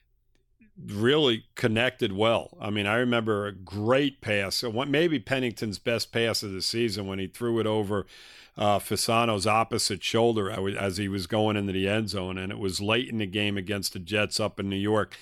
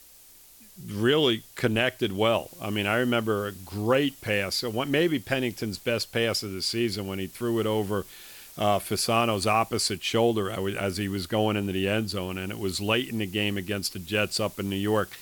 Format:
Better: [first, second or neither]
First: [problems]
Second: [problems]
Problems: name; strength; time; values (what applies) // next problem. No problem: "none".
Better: first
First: none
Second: hiss; noticeable; throughout; 20 dB below the speech